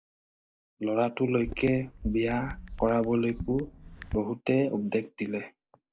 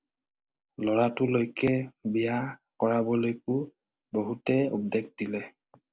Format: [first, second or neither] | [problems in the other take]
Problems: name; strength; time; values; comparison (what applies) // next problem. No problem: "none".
second | noise reduction (neural mask model DeepFilterNet 3)